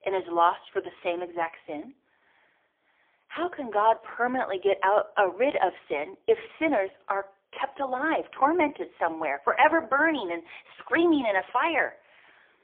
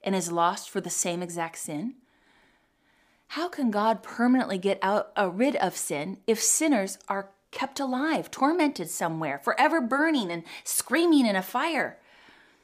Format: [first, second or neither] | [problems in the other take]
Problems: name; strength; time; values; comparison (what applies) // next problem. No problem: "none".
second | phone-call audio; poor line; nothing above 3.5 kHz